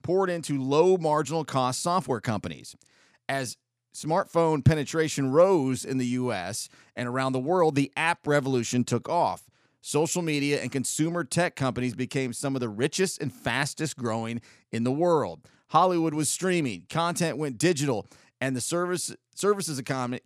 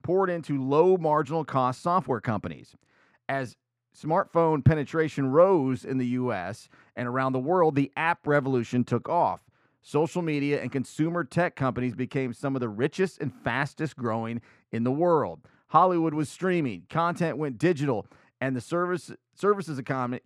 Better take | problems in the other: first | muffled; very; fading above 3.5 kHz

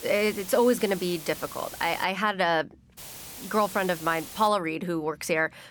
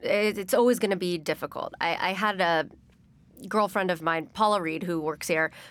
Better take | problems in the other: second | hiss; noticeable; until 2 s and from 3 to 4.5 s; 15 dB below the speech

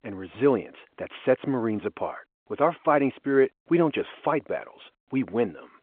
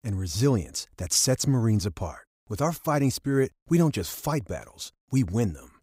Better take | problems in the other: second | phone-call audio

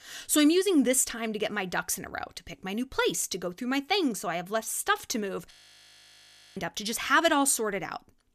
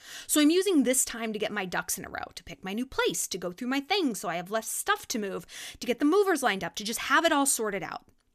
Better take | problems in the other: second | audio freezing; at 5.5 s for 1 s

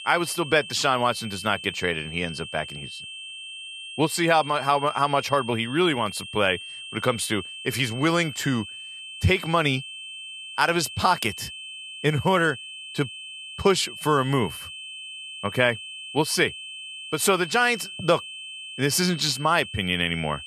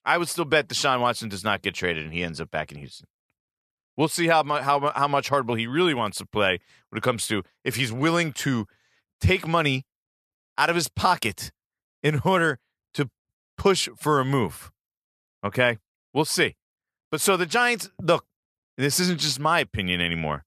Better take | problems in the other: second | high-pitched whine; noticeable; throughout; 3 kHz, 10 dB below the speech

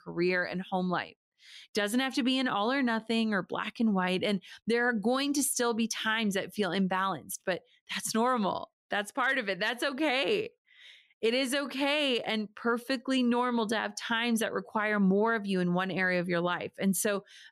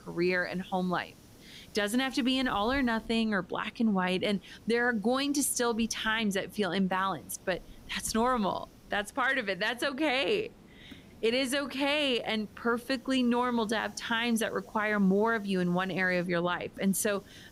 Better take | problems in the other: first | hiss; faint; throughout; 25 dB below the speech

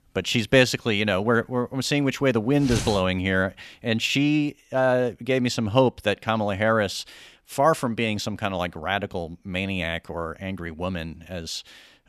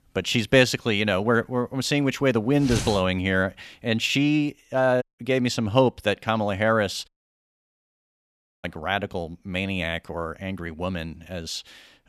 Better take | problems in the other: first | audio cutting out; at 5 s and at 7 s for 1.5 s

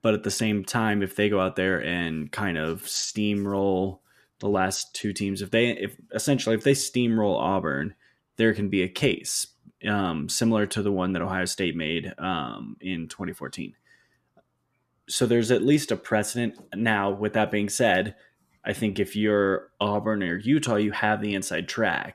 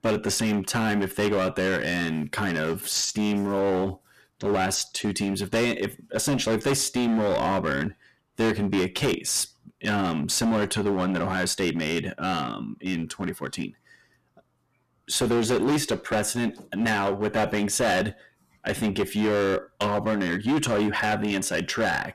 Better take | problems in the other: first | distortion; heavy; 13% of the sound clipped

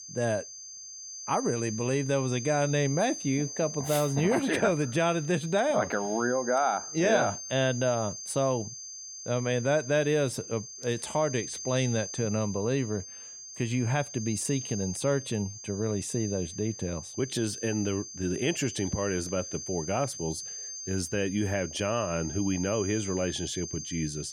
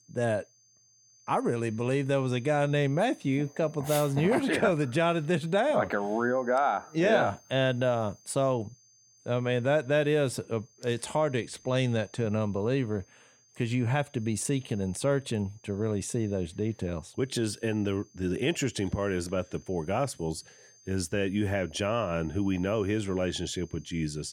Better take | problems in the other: second | high-pitched whine; loud; throughout; 6.5 kHz, 9 dB below the speech; faint in the second

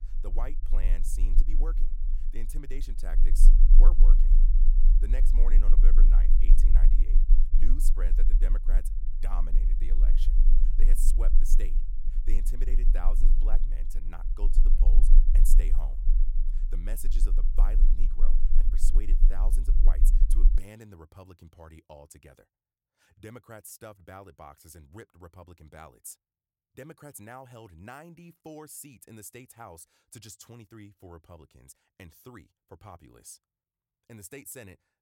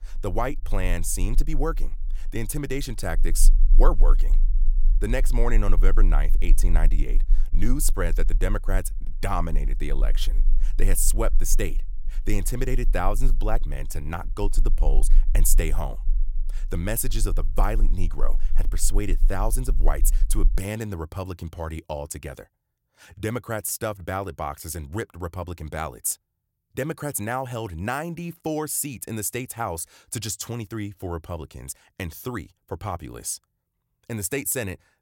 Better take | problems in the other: second | low rumble; loud; until 21 s; 7 dB below the speech; faint in the second

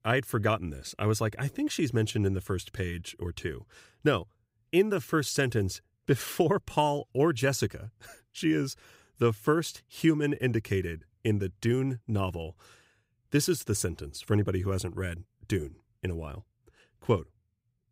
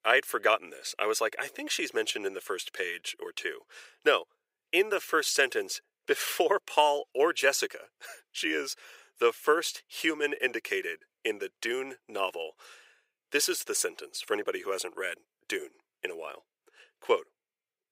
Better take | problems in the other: first | thin; very; fading below 450 Hz

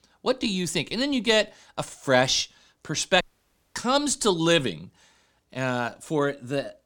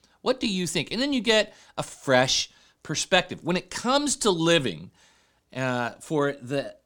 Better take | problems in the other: second | audio cutting out; at 3 s for 0.5 s

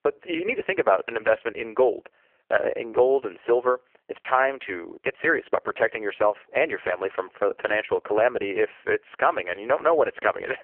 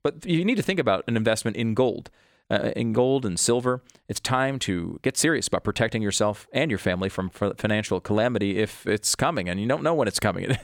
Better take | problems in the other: second | phone-call audio; poor line

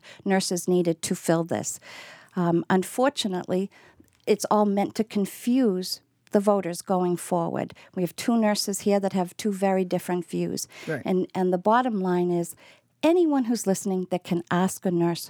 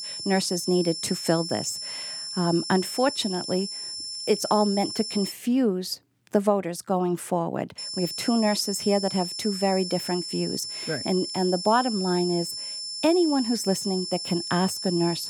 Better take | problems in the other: first | high-pitched whine; loud; until 5.5 s and from 8 s on; 5.5 kHz, 5 dB below the speech

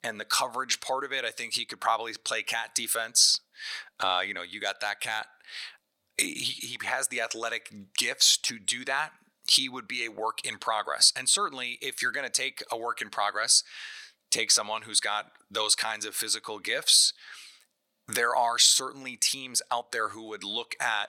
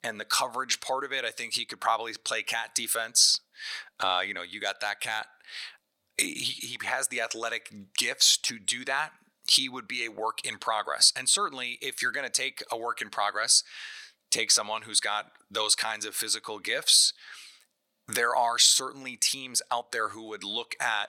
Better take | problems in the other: neither | thin; very; fading below 750 Hz; the same in both

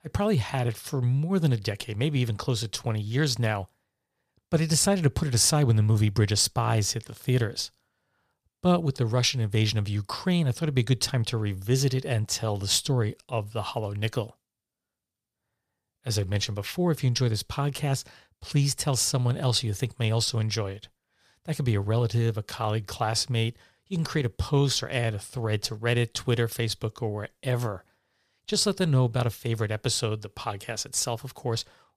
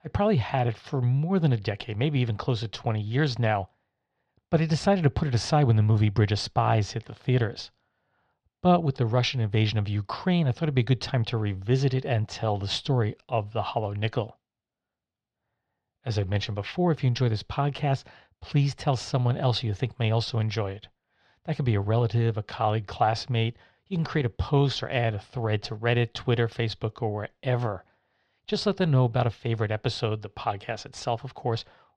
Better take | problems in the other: first | muffled; slightly; fading above 3.5 kHz

